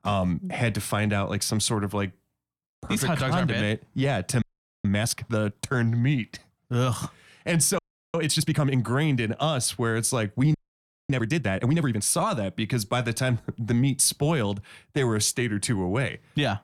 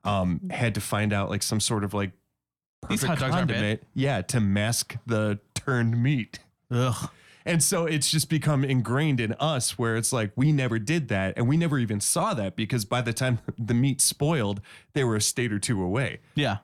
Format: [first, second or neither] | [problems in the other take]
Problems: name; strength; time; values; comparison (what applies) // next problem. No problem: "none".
second | audio freezing; at 4.5 s, at 8 s and at 11 s for 0.5 s